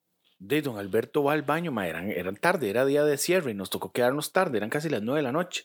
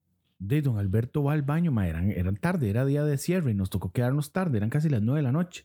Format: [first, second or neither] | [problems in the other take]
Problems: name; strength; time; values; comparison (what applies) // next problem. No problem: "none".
second | thin; very; fading below 450 Hz